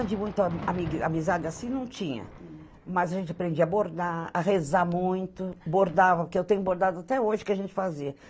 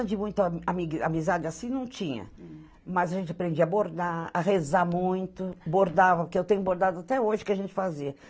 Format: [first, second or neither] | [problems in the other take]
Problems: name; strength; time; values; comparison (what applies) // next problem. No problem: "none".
second | background sound (Thunder); 19 dB below the speech